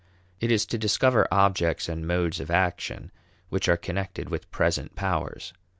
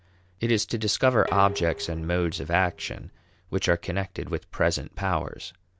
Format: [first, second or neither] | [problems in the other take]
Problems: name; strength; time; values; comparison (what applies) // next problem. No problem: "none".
first | background sound (Dishes, pots, and pans); 15 dB below the speech